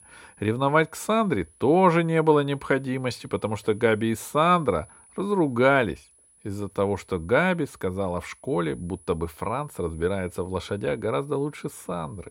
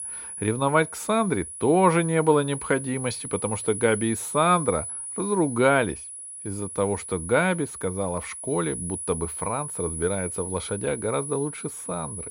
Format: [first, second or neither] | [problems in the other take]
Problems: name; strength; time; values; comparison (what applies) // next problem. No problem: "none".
first | high-pitched whine; loud; throughout; 10 kHz, 8 dB below the speech; faint in the first